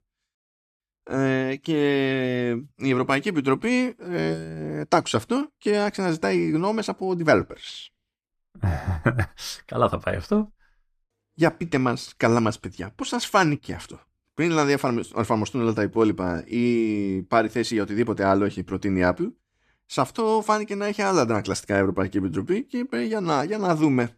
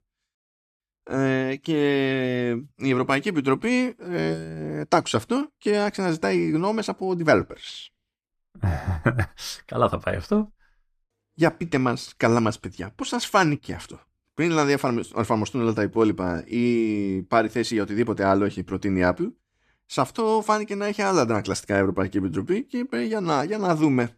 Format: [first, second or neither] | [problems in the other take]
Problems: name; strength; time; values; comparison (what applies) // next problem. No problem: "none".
neither | none